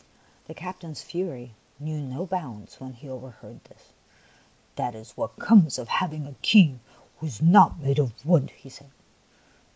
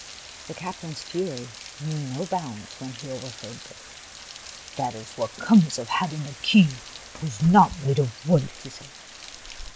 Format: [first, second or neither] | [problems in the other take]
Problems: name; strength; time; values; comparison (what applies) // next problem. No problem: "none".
first | background sound (Rain); 16 dB below the speech